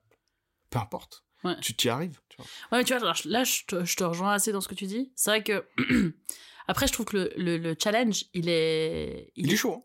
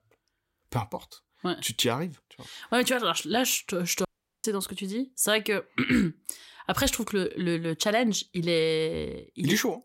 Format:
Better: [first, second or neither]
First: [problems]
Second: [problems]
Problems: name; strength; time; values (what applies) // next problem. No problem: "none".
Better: first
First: none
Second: audio cutting out; at 4 s